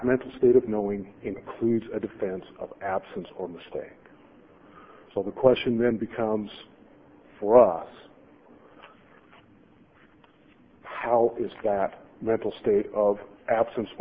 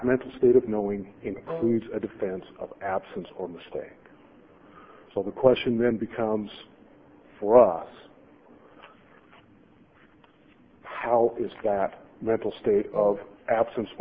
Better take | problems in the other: first | background sound (Wind instrument, woodwind instrument); 11 dB below the speech

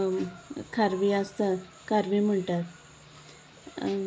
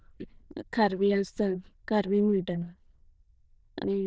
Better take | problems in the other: first | noise reduction (neural diffusion model UNIVERSE++)

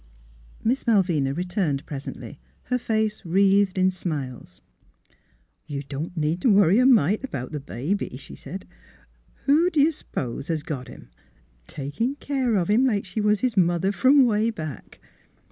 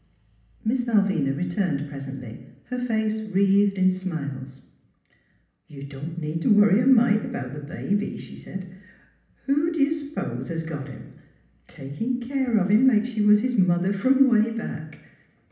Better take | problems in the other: first | room echo; dies away in 0.8 s

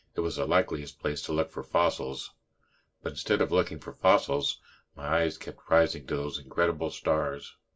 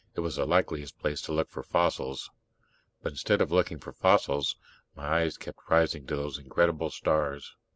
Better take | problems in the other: second | room echo; dies away in 0.2 s

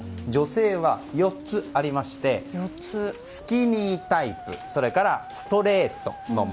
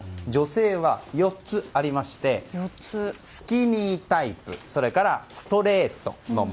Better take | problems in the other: second | background sound (Musical instrument); 15 dB below the speech

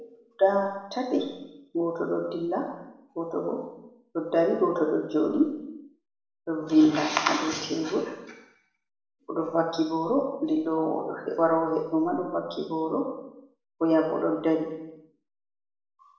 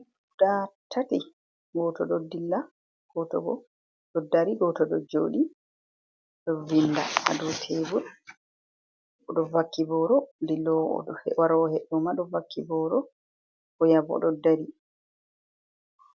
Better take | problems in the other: second | room echo; dies away in 0.8 s

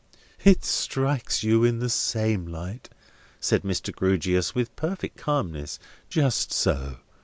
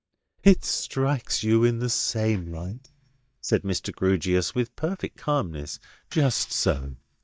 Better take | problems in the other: first | noise reduction (neural mask model DeepFilterNet 3)

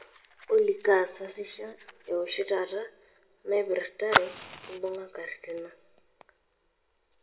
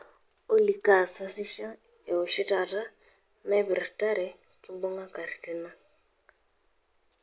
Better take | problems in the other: second | background sound (Fire); 7 dB below the speech // room echo; dies away in 0.7 s

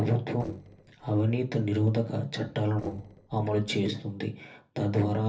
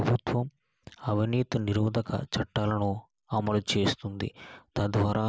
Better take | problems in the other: second | noise reduction (neural separator model SepFormer DNS4)

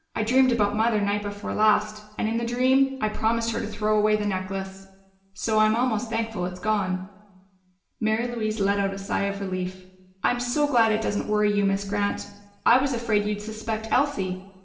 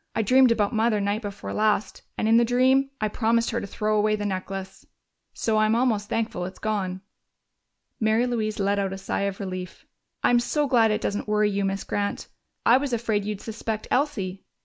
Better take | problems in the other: second | room echo; dies away in 0.8 s

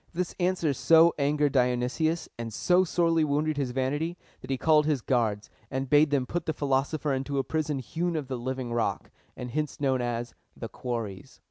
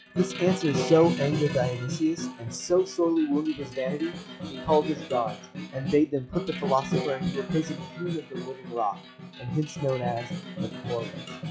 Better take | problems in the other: first | noise reduction (classical method log-MMSE)

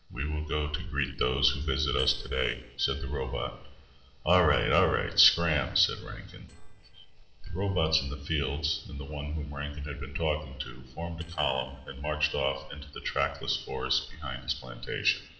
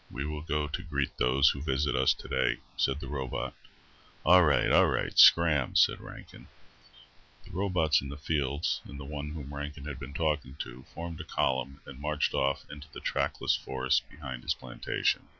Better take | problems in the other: second | noise reduction (neural separator model SepFormer DNS4)

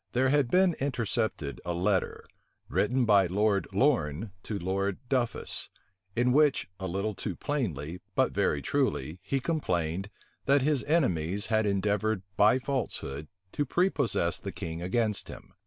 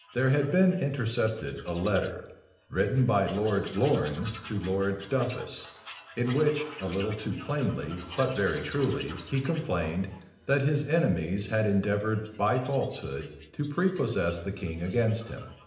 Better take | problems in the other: first | background sound (Tools); 19 dB below the speech // room echo; dies away in 0.8 s

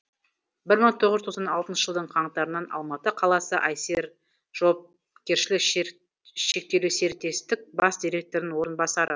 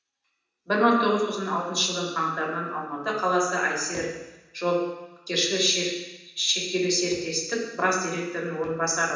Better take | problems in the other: first | room echo; dies away in 1.1 s

